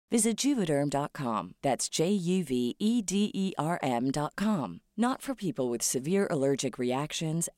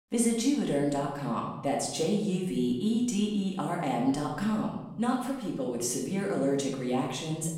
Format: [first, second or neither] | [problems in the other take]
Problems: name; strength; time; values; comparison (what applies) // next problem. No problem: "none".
first | off-mic speech; far // room echo; noticeable; dies away in 0.9 s